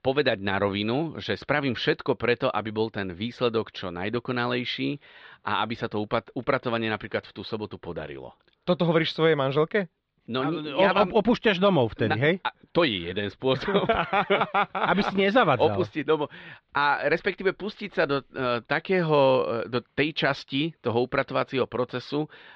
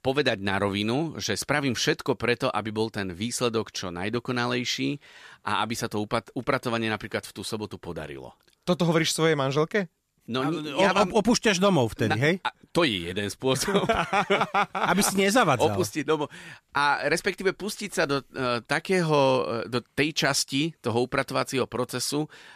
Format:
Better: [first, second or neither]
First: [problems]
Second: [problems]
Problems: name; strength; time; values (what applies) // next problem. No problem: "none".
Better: second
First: muffled; slightly; fading above 4 kHz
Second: none